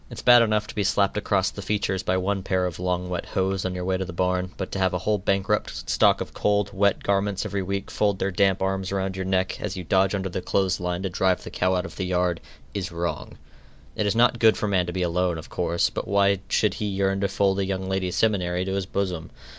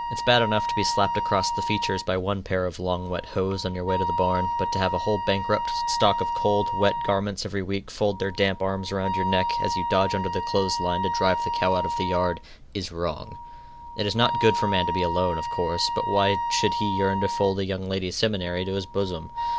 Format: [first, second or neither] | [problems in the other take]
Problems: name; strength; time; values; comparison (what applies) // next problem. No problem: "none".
first | background sound (Wind instrument, woodwind instrument); 3 dB below the speech